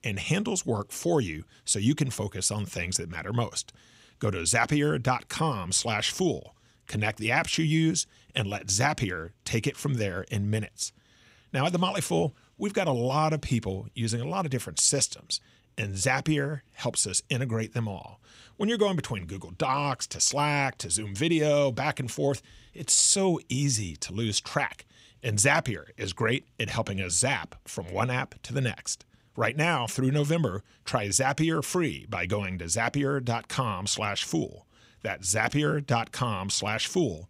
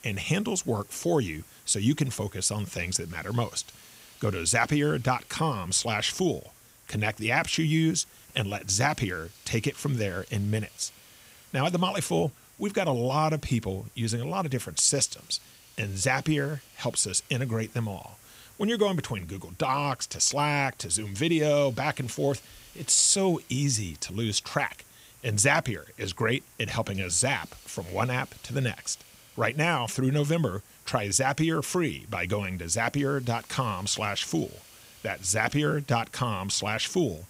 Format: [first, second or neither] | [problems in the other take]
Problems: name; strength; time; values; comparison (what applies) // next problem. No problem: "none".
first | hiss; faint; throughout; 25 dB below the speech